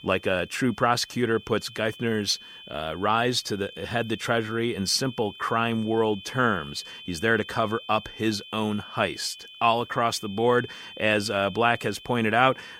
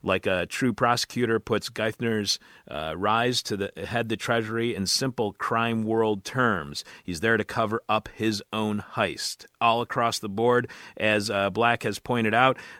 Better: second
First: high-pitched whine; noticeable; throughout; 3 kHz, 15 dB below the speech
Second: none

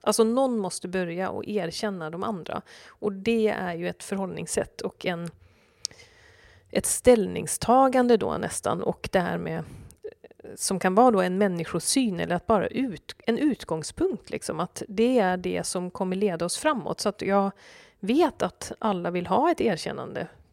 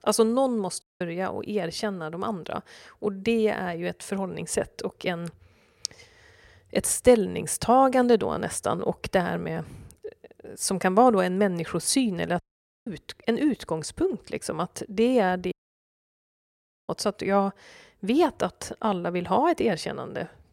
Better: first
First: none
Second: audio cutting out; at 1 s, at 12 s and at 16 s for 1.5 s

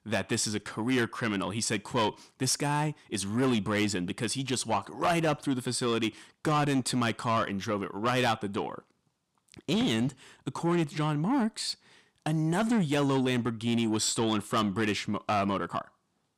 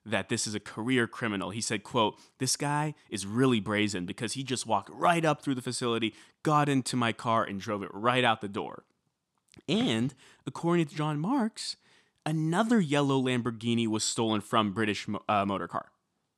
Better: second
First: distortion; slight; 10 dB below the speech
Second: none

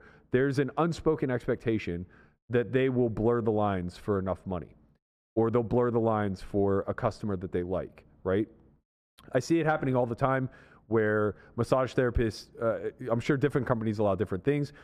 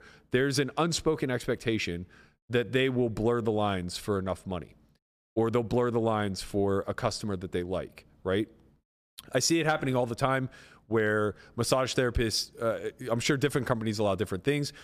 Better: second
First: muffled; slightly; fading above 2.5 kHz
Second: none

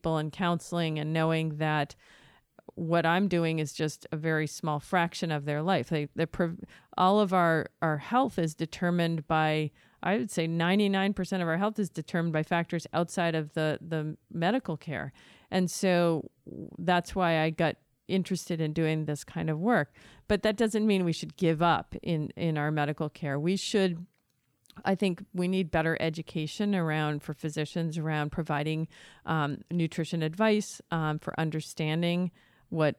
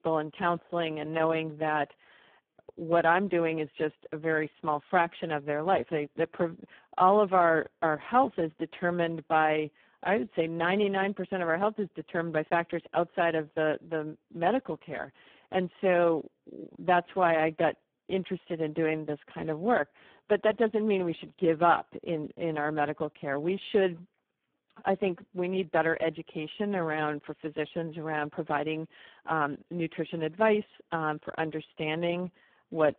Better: first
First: none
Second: phone-call audio; poor line

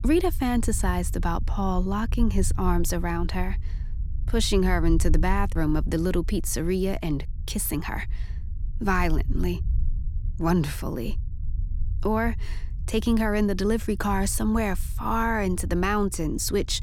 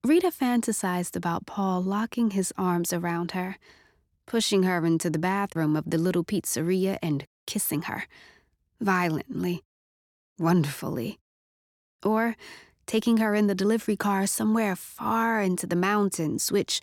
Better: second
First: low rumble; faint; throughout; 20 dB below the speech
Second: none

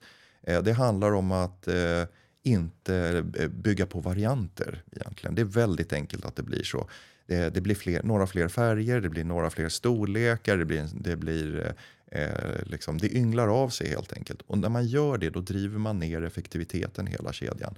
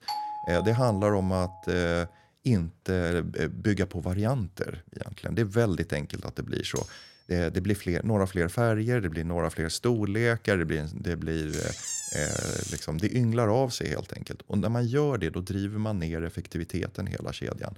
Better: first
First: none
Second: doorbell; noticeable; until 1.5 s; peak 4 dB below the speech // clattering dishes; faint; at 7 s; peak 10 dB below the speech // door banging; noticeable; from 12 to 13 s; peak 2 dB below the speech

